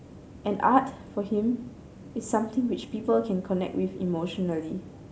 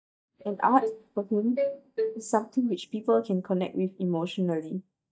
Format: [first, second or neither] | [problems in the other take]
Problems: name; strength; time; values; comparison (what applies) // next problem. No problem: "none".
first | noise reduction (neural mask model DeepFilterNet 3)